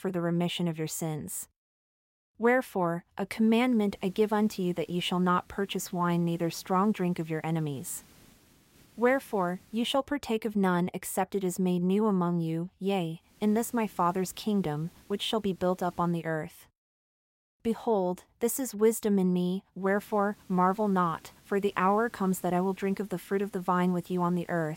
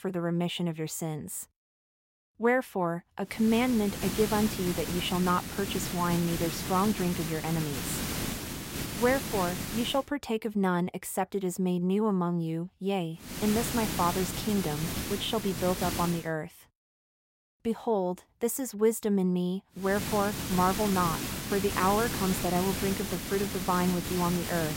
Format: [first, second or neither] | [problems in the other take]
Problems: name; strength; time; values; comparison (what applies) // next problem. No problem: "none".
first | hiss; loud; from 3.5 to 10 s, from 13 to 16 s and from 20 s on; 4 dB below the speech; faint in the first